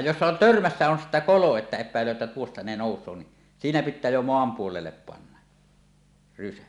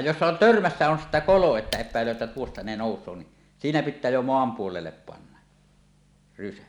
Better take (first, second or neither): first